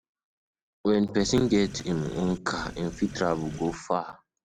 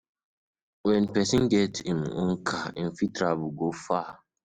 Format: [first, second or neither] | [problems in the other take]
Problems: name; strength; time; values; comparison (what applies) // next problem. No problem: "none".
second | background sound (Sink (filling or washing)); 15 dB below the speech